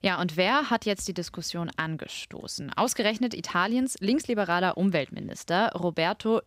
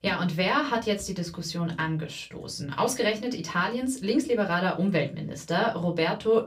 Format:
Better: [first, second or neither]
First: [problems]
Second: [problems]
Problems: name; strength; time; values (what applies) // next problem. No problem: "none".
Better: first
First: none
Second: off-mic speech; somewhat distant // room echo; very slight; dies away in 0.2 s